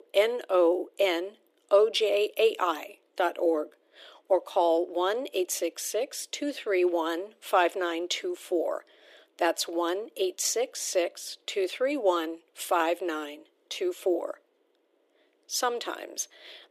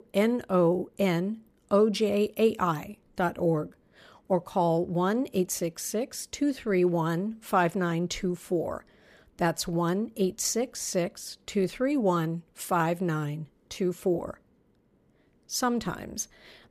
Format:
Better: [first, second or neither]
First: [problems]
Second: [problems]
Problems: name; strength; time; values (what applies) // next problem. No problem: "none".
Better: second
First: thin; very; fading below 300 Hz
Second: none